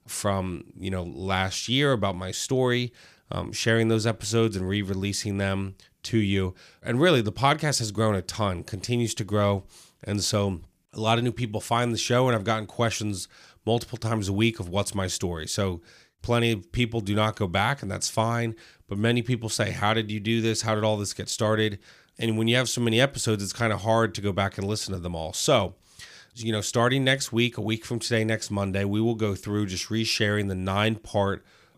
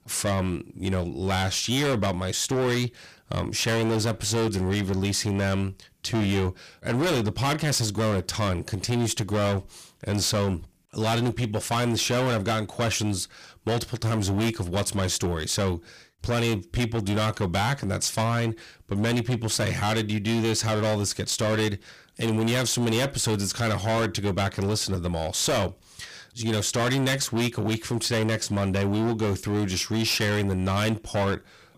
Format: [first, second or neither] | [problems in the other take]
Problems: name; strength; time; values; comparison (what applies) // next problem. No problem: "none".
first | distortion; heavy; 22% of the sound clipped